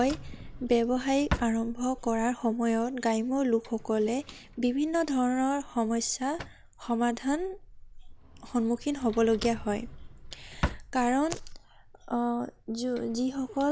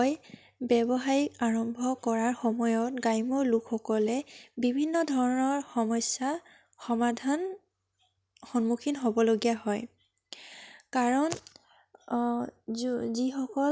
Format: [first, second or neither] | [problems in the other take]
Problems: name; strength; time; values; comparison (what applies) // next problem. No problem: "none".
second | background sound (Drawer open or close); 12 dB below the speech